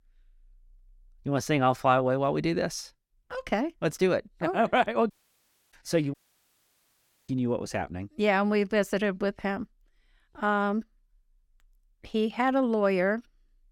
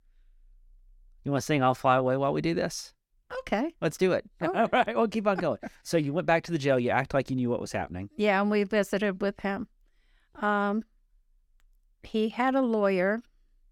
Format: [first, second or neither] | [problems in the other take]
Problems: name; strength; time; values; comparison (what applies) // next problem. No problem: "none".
second | audio cutting out; at 5 s for 0.5 s and at 6 s for 1 s